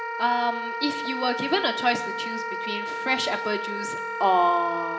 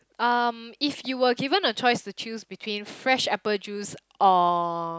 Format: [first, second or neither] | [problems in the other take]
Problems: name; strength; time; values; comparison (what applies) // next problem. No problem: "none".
second | background sound (Wind instrument, woodwind instrument); 4 dB below the speech // room echo; dies away in 1.1 s